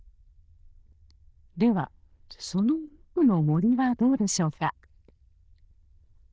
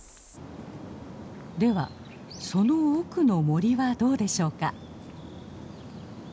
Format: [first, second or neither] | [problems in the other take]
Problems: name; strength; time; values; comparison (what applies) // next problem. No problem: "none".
second | noise reduction (neural diffusion model UNIVERSE++)